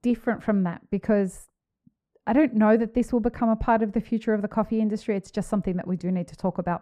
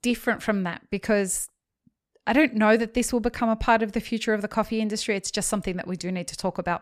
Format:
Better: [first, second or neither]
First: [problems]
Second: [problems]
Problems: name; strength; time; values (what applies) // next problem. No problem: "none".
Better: second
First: muffled; very; fading above 2 kHz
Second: none